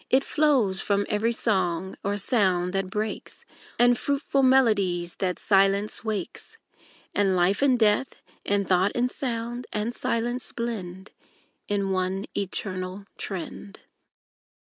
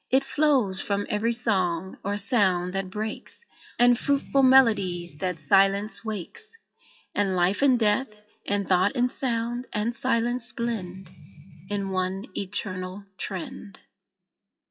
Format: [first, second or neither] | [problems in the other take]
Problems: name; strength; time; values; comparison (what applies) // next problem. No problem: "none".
first | noise reduction (classical method WPE with log-MMSE)